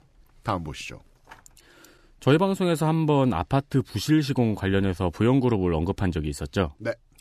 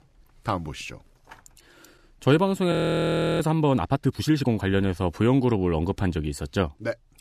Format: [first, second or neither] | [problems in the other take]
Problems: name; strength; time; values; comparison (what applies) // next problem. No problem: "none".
first | audio freezing; at 2.5 s for 0.5 s